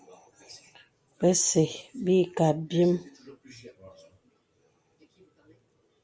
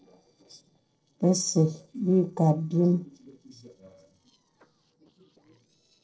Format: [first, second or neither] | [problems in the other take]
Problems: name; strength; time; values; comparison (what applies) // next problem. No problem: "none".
first | noise reduction (neural separator model SepFormer DNS4)